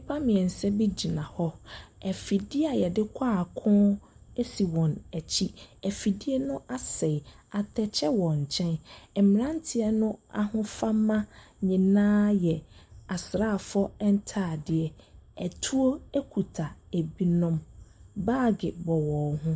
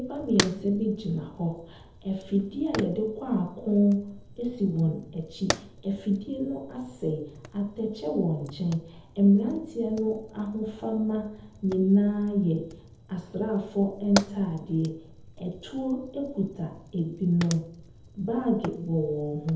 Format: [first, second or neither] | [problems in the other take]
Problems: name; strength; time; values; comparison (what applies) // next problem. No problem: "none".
first | background sound (Fire); 13 dB below the speech // room echo; dies away in 0.7 s